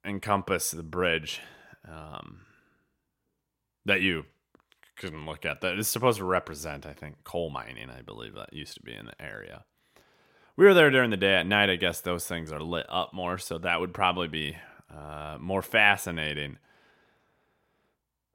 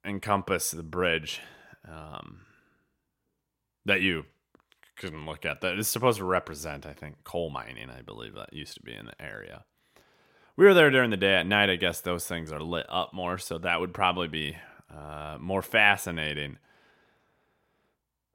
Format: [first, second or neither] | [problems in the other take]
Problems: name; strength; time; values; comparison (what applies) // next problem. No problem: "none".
neither | none